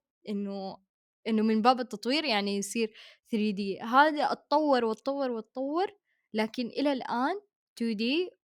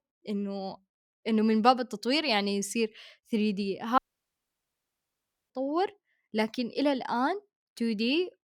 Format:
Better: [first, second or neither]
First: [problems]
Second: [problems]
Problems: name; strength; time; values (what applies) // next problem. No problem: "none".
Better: first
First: none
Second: audio cutting out; at 4 s for 1.5 s